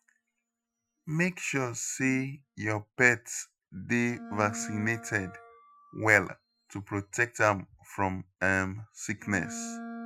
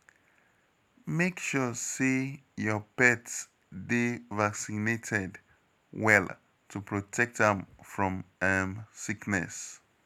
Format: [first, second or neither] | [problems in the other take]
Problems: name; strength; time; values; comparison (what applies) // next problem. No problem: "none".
second | noise reduction (classical method Wiener filter)